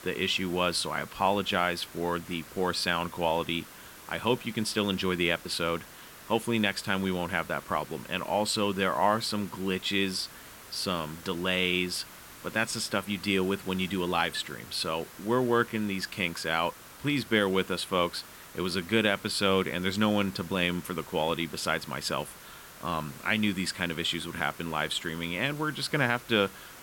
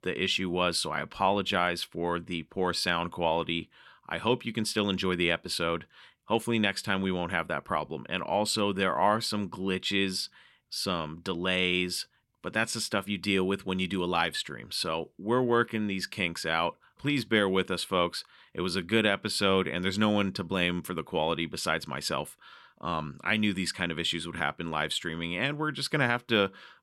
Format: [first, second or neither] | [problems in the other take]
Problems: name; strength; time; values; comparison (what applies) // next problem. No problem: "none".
second | hiss; noticeable; throughout; 15 dB below the speech